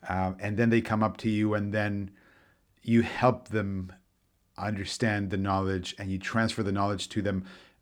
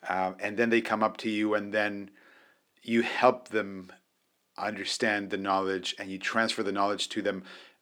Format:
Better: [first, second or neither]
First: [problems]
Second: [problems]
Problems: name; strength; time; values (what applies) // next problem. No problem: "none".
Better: first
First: none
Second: thin; somewhat; fading below 350 Hz